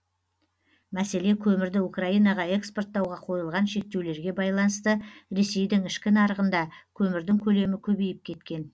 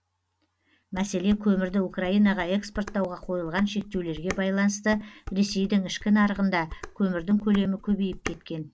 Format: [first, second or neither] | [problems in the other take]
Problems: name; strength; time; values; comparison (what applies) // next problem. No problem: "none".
first | background sound (Dishes, pots, and pans); 16 dB below the speech